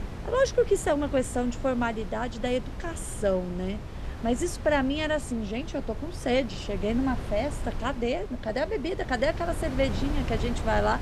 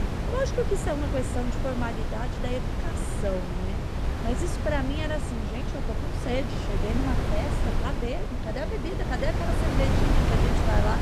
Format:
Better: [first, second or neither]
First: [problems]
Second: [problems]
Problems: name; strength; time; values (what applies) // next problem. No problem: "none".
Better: first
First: wind noise on the microphone; occasional gusts; 15 dB below the speech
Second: wind noise on the microphone; heavy; 1 dB below the speech